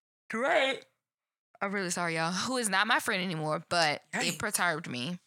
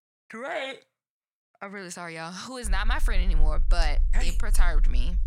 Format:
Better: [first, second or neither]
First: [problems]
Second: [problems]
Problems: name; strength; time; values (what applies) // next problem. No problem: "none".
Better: first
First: none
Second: low rumble; faint; from 2.5 s on; 20 dB below the speech